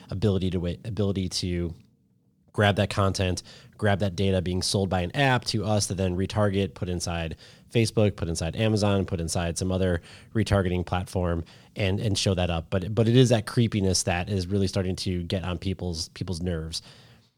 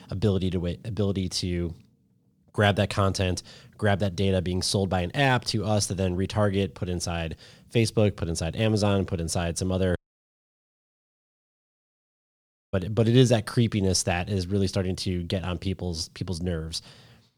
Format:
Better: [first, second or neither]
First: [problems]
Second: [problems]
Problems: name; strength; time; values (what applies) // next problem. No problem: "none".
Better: first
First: none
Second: audio cutting out; at 10 s for 3 s